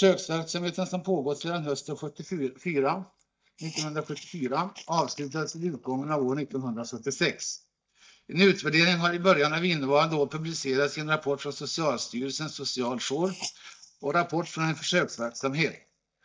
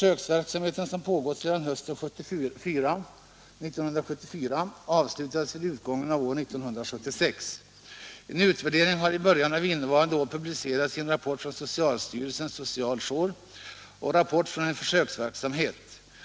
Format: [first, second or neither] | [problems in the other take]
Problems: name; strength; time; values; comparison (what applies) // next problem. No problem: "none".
second | noise reduction (neural mask model DeepFilterNet 3)